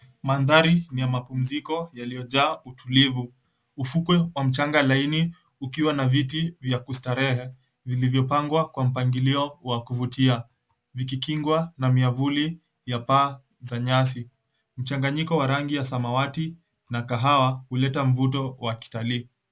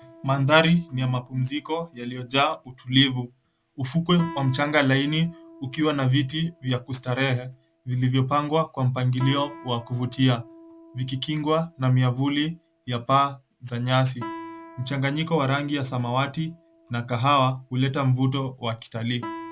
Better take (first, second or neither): first